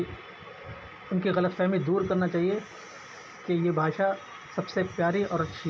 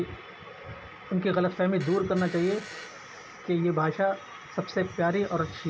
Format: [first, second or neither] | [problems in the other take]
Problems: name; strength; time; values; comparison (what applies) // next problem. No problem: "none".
first | background sound (Fart); 18 dB below the speech